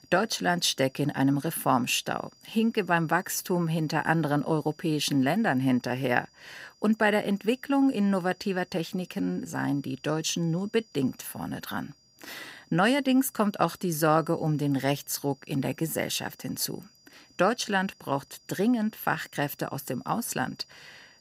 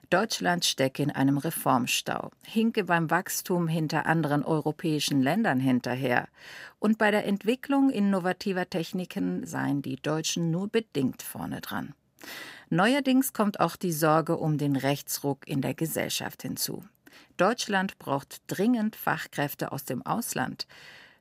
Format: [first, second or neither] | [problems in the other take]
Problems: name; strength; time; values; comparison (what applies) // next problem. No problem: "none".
second | high-pitched whine; faint; throughout; 5 kHz, 30 dB below the speech